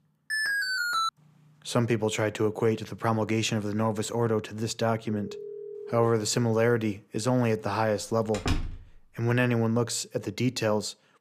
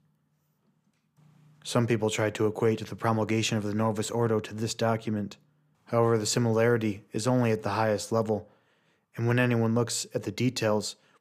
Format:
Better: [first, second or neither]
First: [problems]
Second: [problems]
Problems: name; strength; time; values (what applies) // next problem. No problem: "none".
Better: second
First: alarm; loud; at 0.5 s; peak 1 dB above the speech // phone ringing; faint; at 5 s; peak 10 dB below the speech // door banging; noticeable; at 8.5 s; peak 4 dB below the speech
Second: none